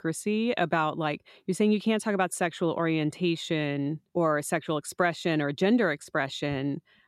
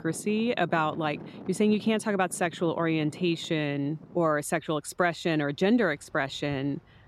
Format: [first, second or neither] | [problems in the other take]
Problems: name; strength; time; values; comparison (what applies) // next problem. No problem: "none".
first | traffic noise; noticeable; throughout; 20 dB below the speech